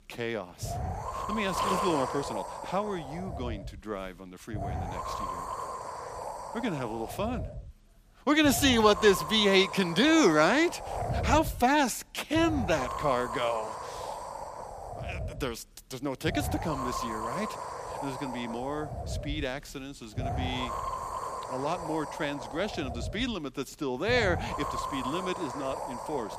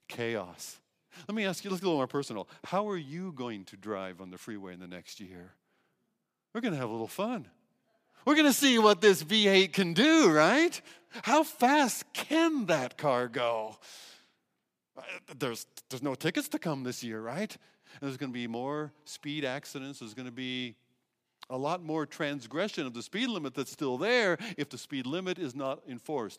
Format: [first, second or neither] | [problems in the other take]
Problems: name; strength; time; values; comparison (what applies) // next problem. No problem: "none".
second | wind noise on the microphone; heavy; 6 dB below the speech